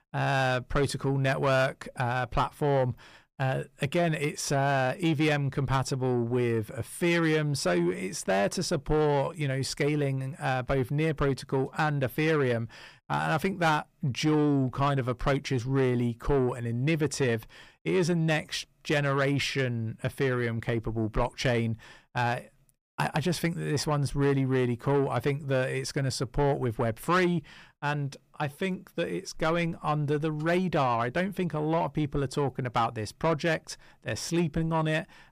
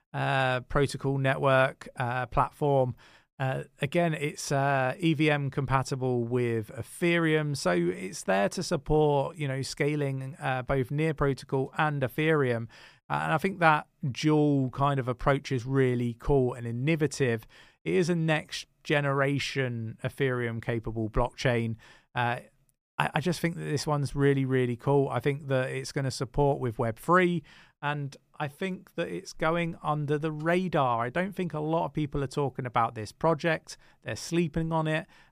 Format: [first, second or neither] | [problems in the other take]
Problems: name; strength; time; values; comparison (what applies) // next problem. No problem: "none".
second | distortion; slight; 10 dB below the speech